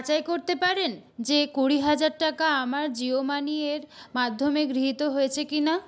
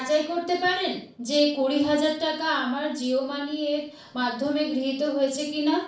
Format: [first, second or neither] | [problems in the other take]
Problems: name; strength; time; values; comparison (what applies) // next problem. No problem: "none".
first | room echo; dies away in 0.4 s